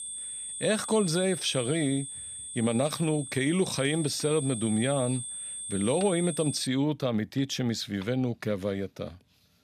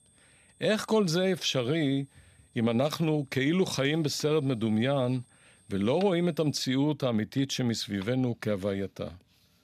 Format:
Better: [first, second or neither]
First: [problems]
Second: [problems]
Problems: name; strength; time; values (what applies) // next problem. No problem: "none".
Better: second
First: high-pitched whine; loud; until 6.5 s; 8.5 kHz, 7 dB below the speech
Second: high-pitched whine; faint; until 6.5 s; 8.5 kHz, 35 dB below the speech